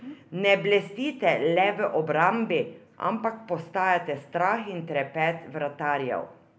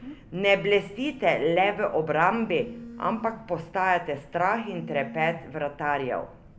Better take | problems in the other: first | background sound (Telephone); 18 dB below the speech

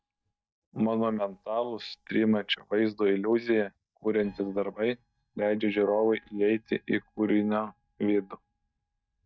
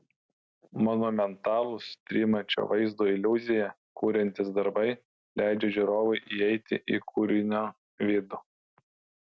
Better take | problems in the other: second | noise reduction (neural mask model DeepFilterNet 3)

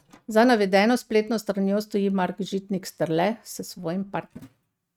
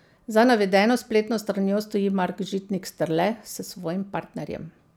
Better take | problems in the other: second | noise reduction (neural mask model RNNoise)

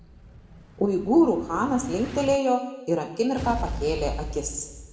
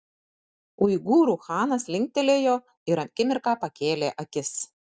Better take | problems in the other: second | background sound (Explosion); 11 dB below the speech // room echo; dies away in 1 s

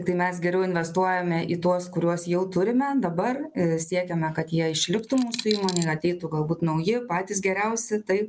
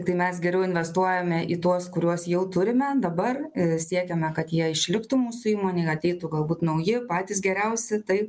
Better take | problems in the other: second | background sound (Coin (dropping)); 11 dB below the speech

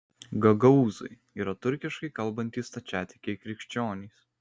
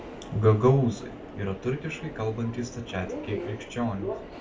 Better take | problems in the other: first | background sound (Subway, metro, underground); 11 dB below the speech // room echo; dies away in 0.3 s

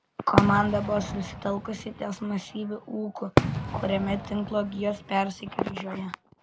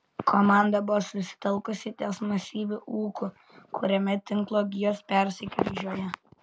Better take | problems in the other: second | background sound (Fireworks); 2 dB below the speech

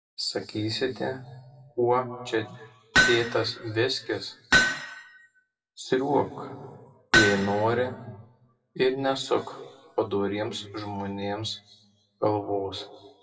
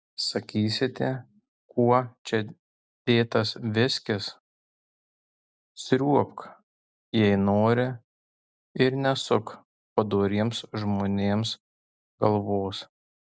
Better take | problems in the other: second | noise reduction (classical method WPE with log-MMSE)

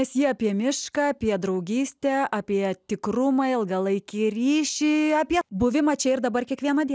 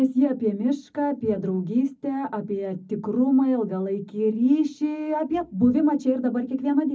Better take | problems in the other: first | room echo; dies away in 0.4 s

